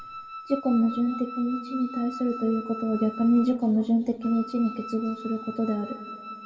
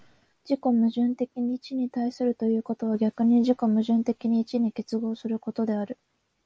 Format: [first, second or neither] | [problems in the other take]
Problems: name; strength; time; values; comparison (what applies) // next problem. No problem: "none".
second | background sound (Wind instrument, woodwind instrument); 13 dB below the speech // room echo; dies away in 1.8 s